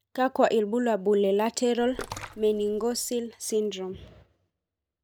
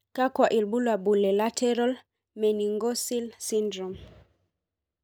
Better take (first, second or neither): second